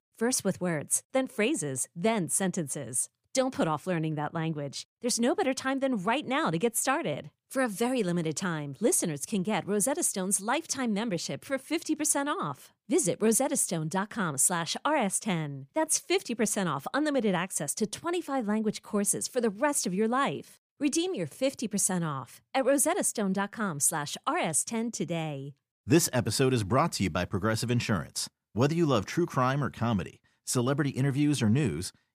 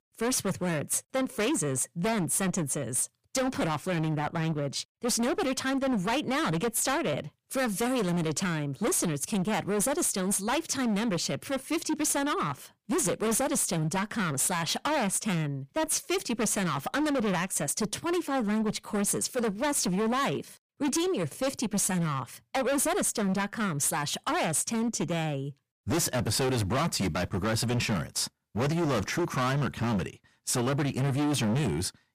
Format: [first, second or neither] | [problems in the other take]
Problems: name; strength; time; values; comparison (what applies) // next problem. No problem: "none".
first | distortion; heavy; 25% of the sound clipped